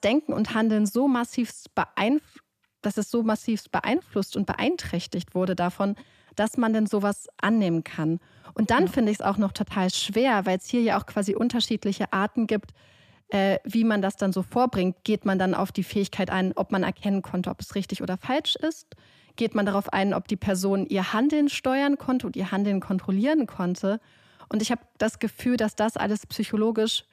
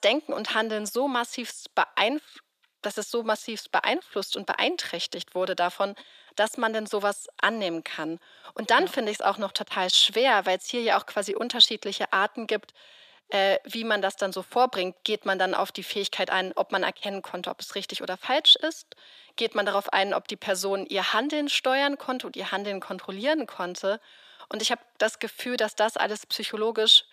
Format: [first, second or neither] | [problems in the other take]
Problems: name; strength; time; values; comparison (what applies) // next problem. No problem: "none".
first | thin; somewhat; fading below 550 Hz